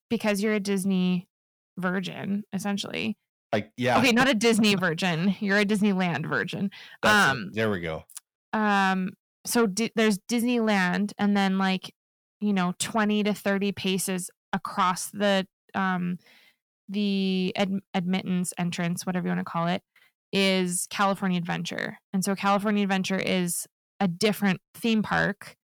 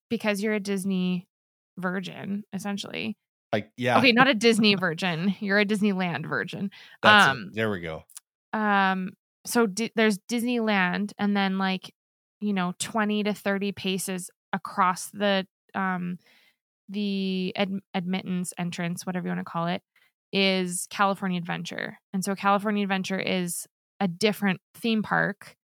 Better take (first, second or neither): second